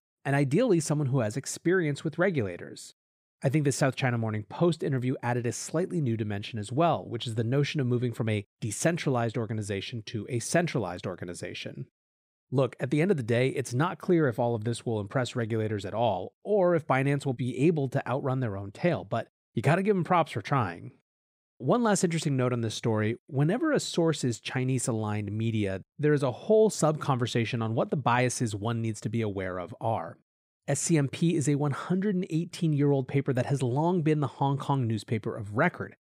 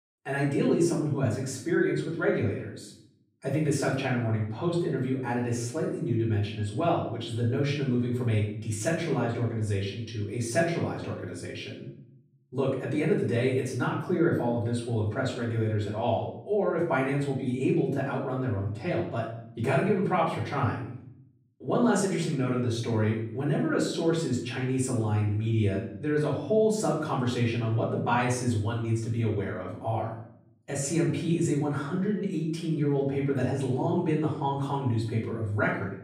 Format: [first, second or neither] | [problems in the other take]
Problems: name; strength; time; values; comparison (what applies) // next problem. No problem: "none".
first | off-mic speech; far // room echo; noticeable; dies away in 0.6 s